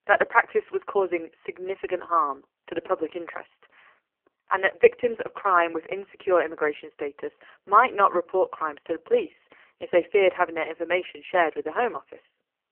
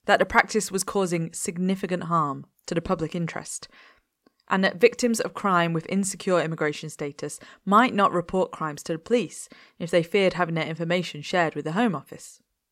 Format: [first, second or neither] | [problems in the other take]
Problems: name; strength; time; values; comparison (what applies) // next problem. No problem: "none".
second | phone-call audio; poor line; nothing above 3 kHz